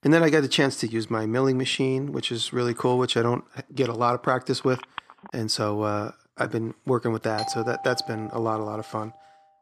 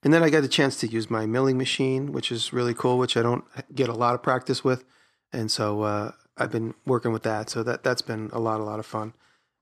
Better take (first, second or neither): second